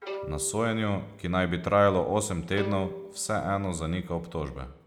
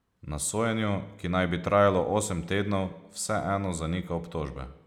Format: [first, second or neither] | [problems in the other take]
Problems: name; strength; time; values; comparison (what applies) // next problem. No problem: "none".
second | background sound (Bowed string instrument); 14 dB below the speech